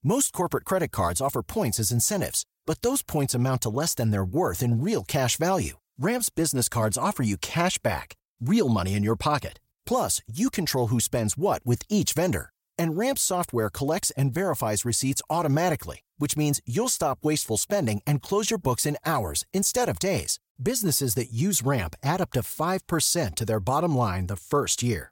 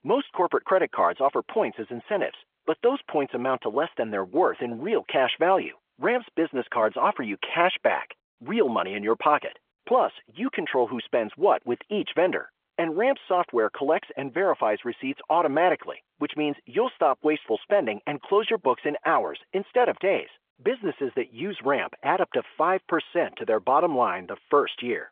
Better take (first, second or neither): first